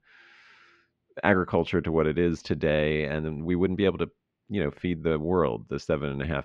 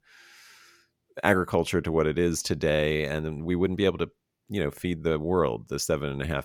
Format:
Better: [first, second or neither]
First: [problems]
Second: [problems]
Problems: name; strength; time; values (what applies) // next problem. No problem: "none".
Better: second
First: muffled; slightly; fading above 3.5 kHz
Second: none